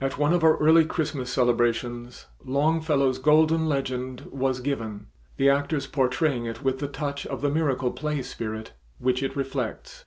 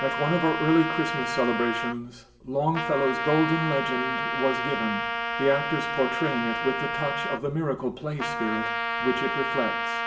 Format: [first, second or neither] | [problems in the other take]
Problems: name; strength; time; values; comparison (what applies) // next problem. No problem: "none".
first | background sound (Trumpet); 2 dB below the speech // room echo; dies away in 1.5 s